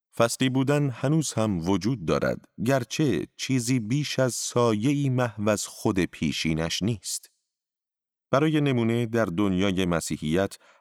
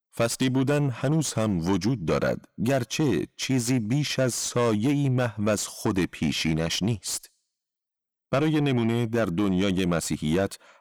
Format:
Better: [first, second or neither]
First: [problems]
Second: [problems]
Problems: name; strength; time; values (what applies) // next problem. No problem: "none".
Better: first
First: none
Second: distortion; slight; 10 dB below the speech